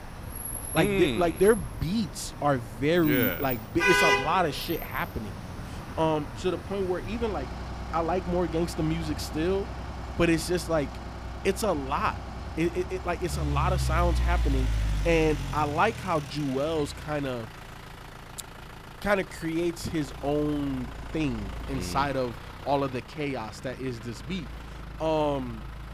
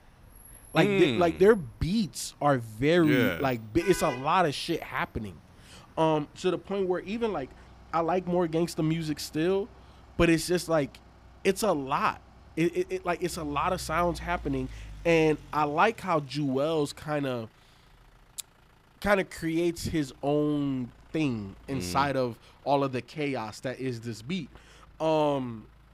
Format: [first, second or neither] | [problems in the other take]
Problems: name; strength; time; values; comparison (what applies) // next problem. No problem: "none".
second | traffic noise; loud; throughout; 6 dB below the speech; faint in the second